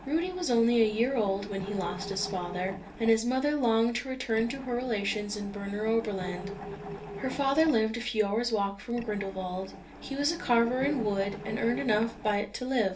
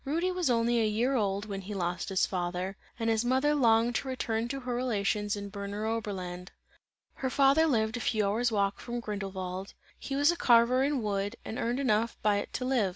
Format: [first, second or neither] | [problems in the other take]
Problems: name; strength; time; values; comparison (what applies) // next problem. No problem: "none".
second | background sound (Mechanisms); 13 dB below the speech // room echo; dies away in 0.3 s